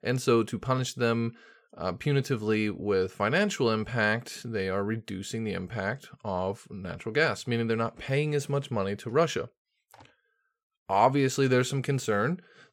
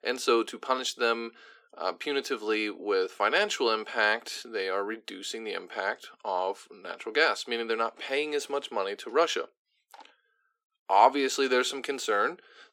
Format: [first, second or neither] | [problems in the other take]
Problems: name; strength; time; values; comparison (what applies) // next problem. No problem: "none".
first | thin; somewhat; fading below 300 Hz